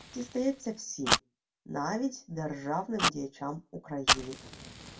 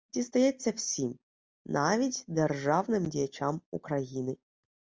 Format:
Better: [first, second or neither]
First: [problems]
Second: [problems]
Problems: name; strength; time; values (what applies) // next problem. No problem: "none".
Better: second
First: background sound (Fire); 1 dB above the speech // room echo; dies away in 0.2 s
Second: none